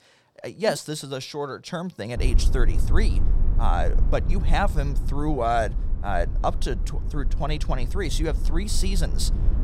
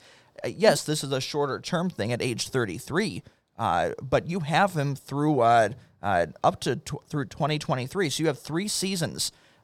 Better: second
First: low rumble; noticeable; from 2 s on; 15 dB below the speech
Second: none

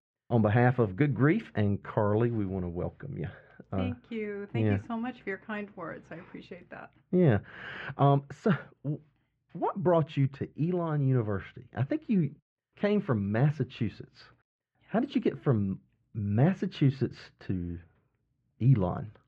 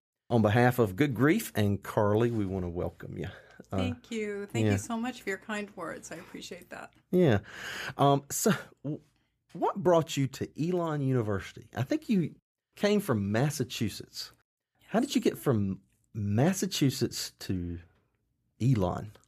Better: second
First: muffled; very; fading above 2.5 kHz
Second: none

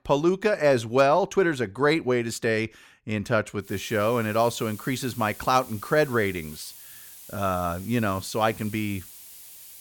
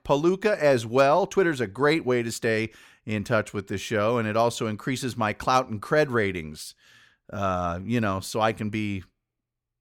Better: second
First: hiss; noticeable; from 3.5 s on; 20 dB below the speech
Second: none

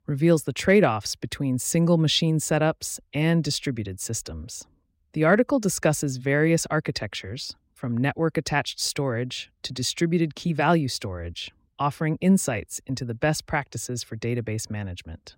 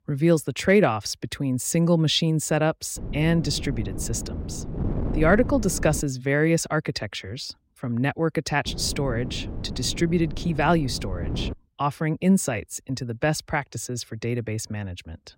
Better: first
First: none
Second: wind noise on the microphone; occasional gusts; from 3 to 6 s and from 8.5 to 12 s; 15 dB below the speech

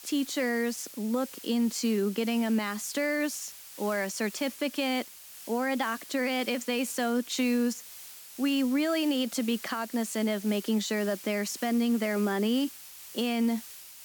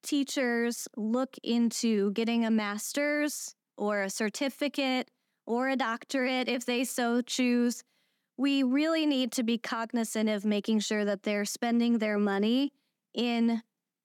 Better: second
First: hiss; noticeable; throughout; 15 dB below the speech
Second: none

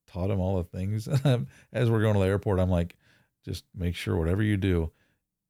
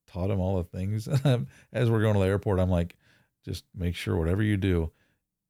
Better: neither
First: none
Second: none

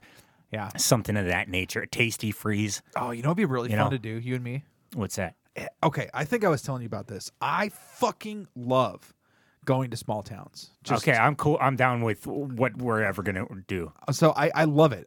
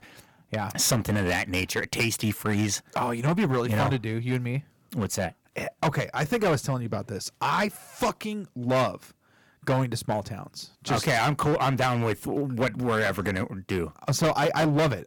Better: first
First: none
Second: distortion; heavy; 9% of the sound clipped

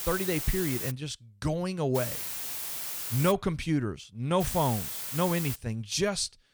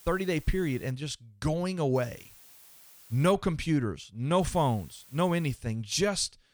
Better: second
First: hiss; loud; at the start, from 2 to 3.5 s and from 4.5 to 5.5 s; 3 dB below the speech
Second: hiss; faint; at the start, from 2 to 3.5 s and from 4.5 to 5.5 s; 20 dB below the speech

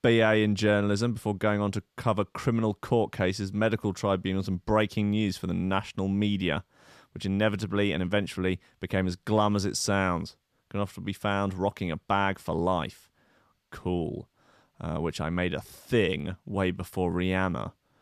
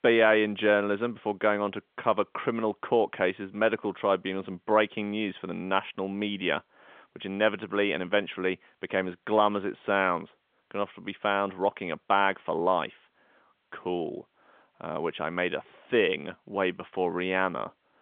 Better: first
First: none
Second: phone-call audio; nothing above 3.5 kHz

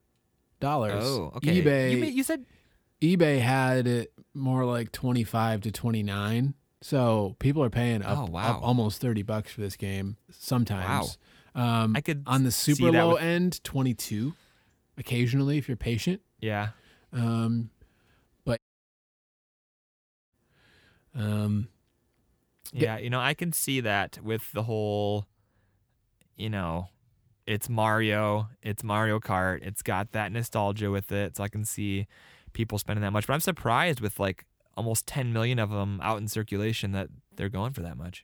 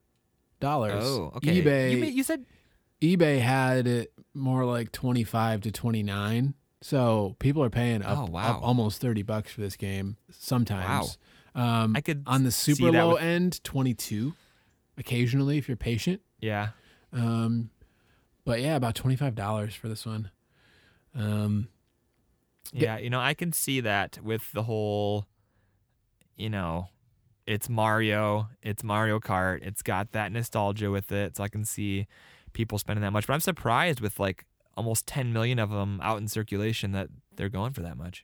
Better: second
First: audio cutting out; at 19 s for 1.5 s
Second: none

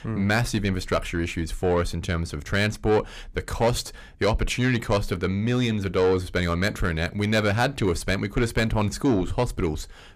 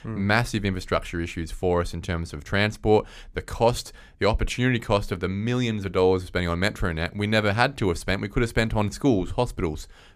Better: second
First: distortion; slight; 10 dB below the speech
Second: none

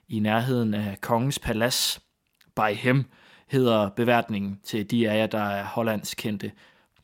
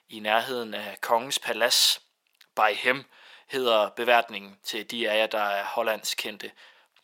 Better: first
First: none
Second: thin; very; fading below 600 Hz

